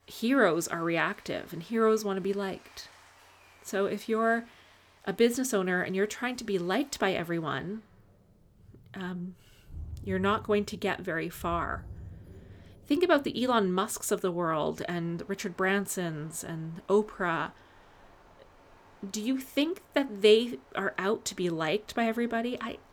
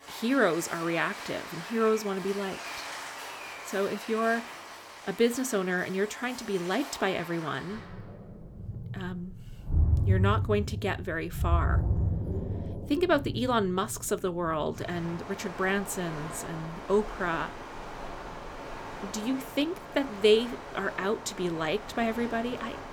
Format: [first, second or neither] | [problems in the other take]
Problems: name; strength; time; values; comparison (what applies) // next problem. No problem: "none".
first | rain or running water; loud; throughout; 6 dB below the speech; faint in the first